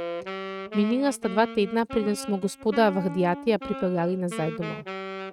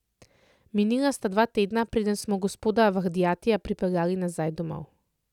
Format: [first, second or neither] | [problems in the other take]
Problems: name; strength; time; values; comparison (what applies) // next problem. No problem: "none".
second | noise reduction (neural mask model RNNoise)